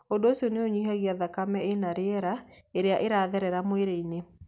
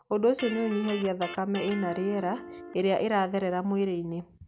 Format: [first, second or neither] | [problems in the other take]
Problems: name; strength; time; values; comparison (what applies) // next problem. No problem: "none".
first | background sound (Electric guitar); 13 dB below the speech